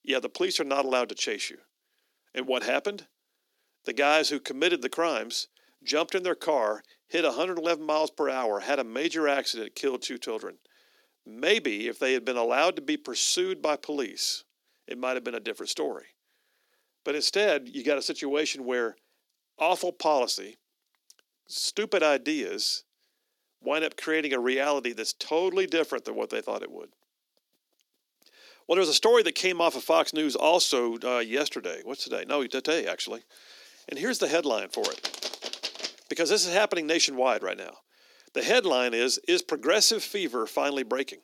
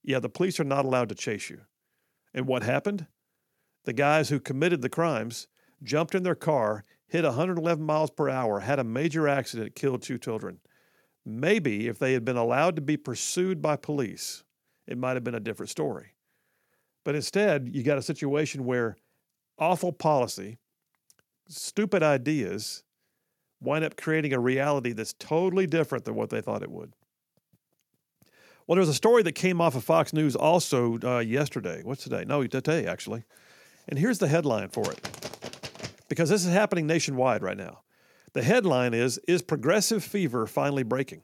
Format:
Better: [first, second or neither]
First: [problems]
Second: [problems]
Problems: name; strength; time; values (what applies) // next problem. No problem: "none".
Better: second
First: thin; somewhat; fading below 300 Hz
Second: none